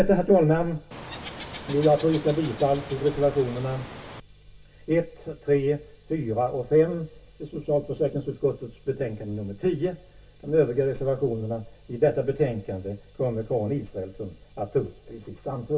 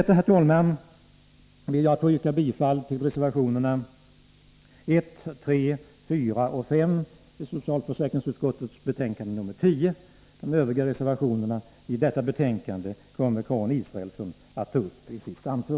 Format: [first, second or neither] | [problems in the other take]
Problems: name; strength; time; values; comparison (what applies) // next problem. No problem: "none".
second | background sound (Water / Bird); 13 dB below the speech // room echo; dies away in 0.1 s